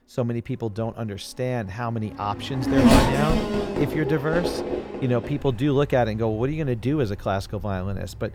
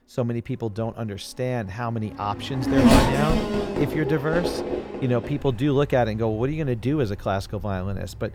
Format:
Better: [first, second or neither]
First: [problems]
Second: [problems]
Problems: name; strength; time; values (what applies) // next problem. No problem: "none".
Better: neither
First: traffic noise; very loud; throughout; 2 dB above the speech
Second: traffic noise; very loud; throughout; 2 dB above the speech